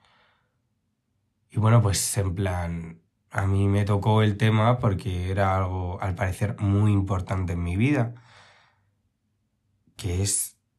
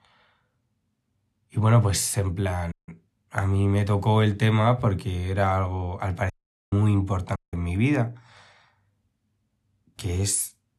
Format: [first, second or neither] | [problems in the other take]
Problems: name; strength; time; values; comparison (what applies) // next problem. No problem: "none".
first | audio cutting out; at 2.5 s, at 6.5 s and at 7.5 s